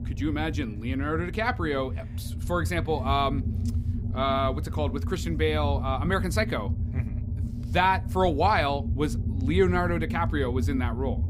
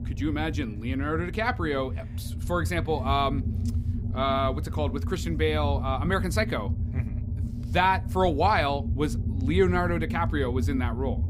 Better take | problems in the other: neither | low rumble; noticeable; throughout; 15 dB below the speech; the same in both

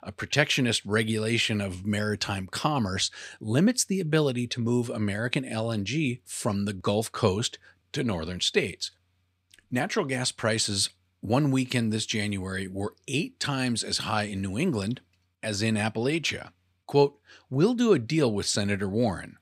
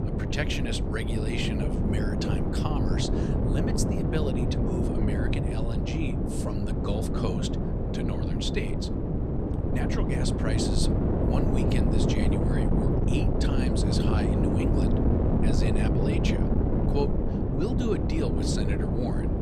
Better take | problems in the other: first | wind noise on the microphone; heavy; 3 dB above the speech

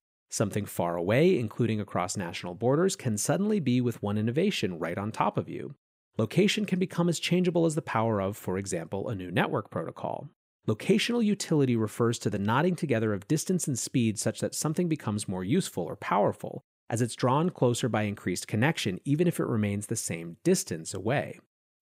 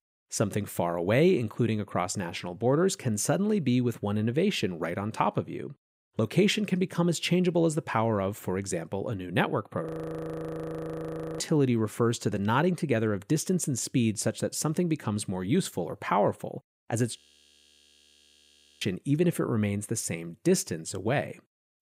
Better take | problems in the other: first | audio freezing; at 10 s for 1.5 s and at 17 s for 1.5 s

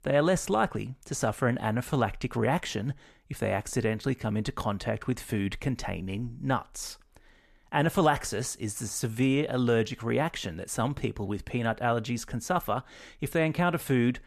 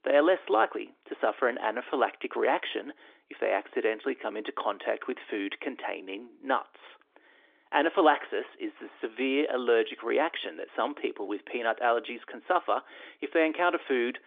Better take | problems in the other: first | phone-call audio; nothing above 3.5 kHz

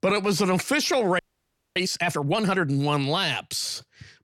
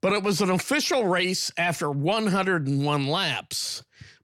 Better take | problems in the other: second | audio freezing; at 1 s for 0.5 s

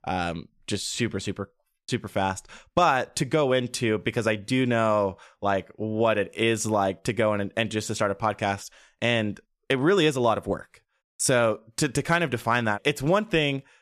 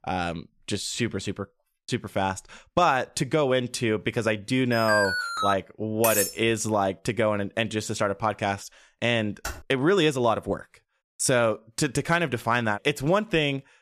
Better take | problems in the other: first | alarm; loud; at 4.5 s; peak 1 dB above the speech // clattering dishes; loud; at 6 s; peak 1 dB above the speech // keyboard typing; faint; at 9.5 s; peak 10 dB below the speech

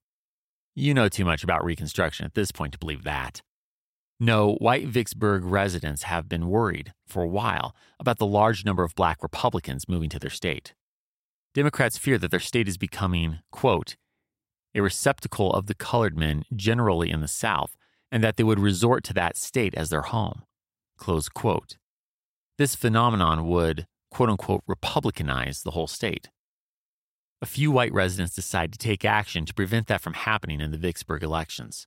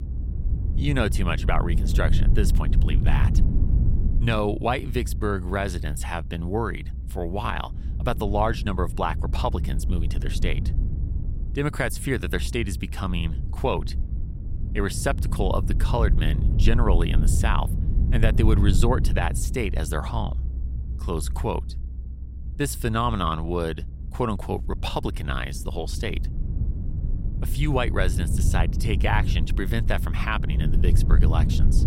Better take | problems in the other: first | low rumble; noticeable; throughout; 10 dB below the speech

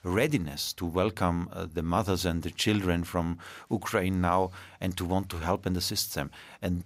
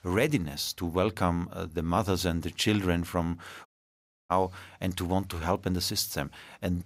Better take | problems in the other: first | audio cutting out; at 3.5 s for 0.5 s

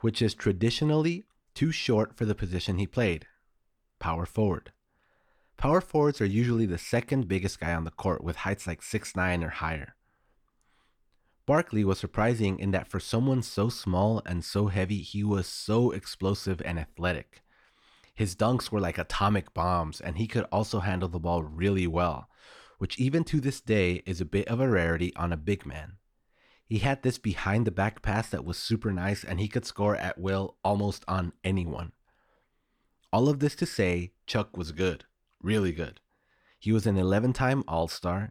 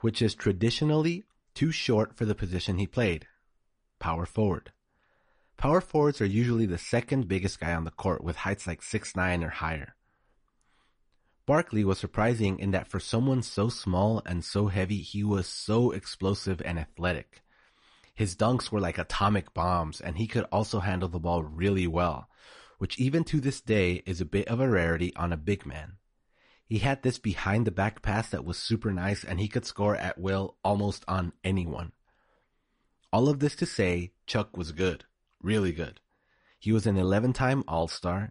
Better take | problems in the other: first | garbled, watery; slightly; nothing above 10.5 kHz

